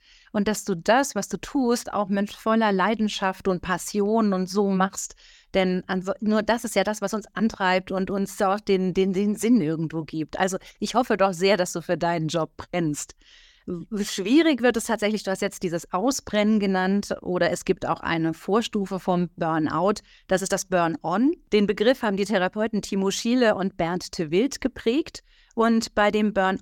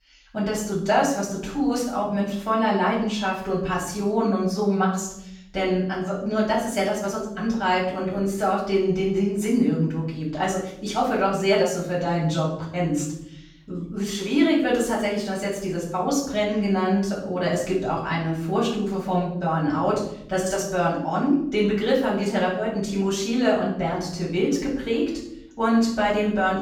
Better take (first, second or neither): first